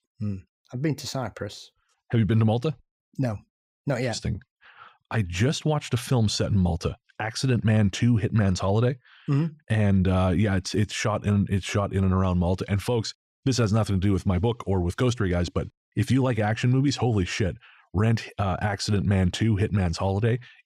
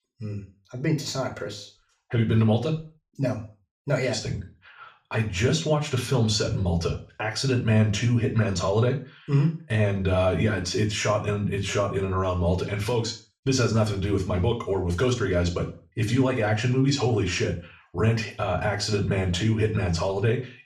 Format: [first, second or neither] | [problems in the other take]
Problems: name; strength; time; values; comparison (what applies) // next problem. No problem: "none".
first | room echo; slight; dies away in 0.3 s // off-mic speech; far